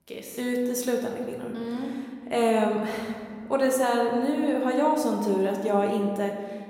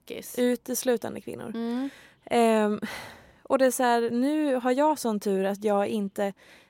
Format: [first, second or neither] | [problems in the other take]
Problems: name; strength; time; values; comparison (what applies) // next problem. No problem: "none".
second | room echo; noticeable; dies away in 1.6 s // off-mic speech; somewhat distant